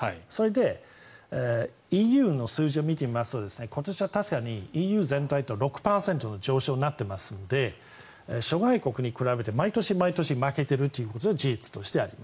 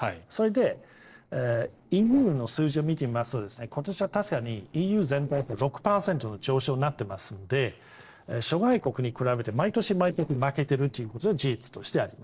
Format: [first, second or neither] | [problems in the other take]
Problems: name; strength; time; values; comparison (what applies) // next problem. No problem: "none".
first | noise reduction (neural separator model SepFormer DNS4)